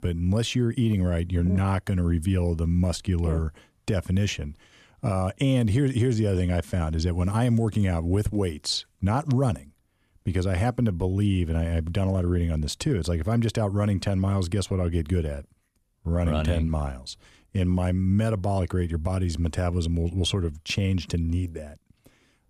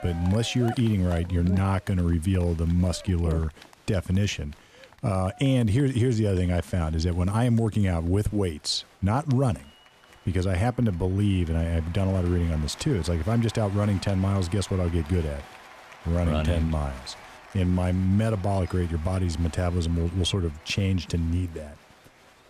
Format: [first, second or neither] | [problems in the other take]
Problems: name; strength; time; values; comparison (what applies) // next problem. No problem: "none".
first | crowd noise; faint; throughout; 20 dB below the speech